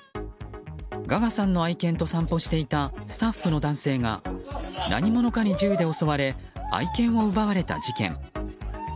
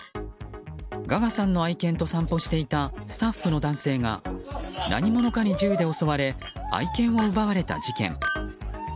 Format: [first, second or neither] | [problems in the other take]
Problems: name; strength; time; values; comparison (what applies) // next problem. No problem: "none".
first | background sound (Chink, clink); 17 dB below the speech